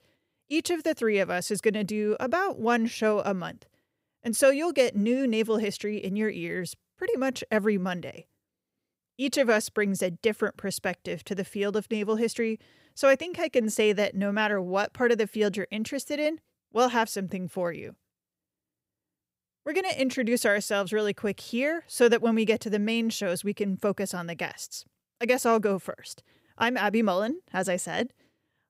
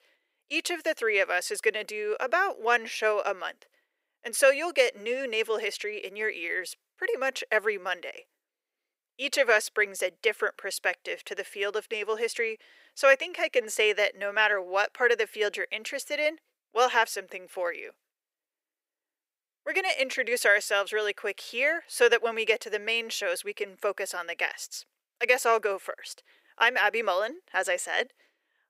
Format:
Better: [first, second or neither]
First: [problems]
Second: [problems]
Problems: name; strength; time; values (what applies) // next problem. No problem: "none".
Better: first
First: none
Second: thin; very; fading below 400 Hz